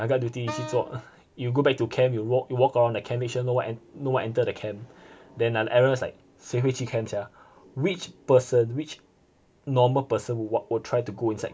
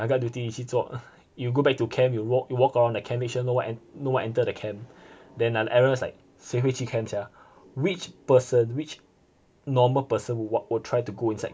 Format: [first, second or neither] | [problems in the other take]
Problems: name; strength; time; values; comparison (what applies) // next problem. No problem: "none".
second | background sound (Wind instrument, woodwind instrument); 13 dB below the speech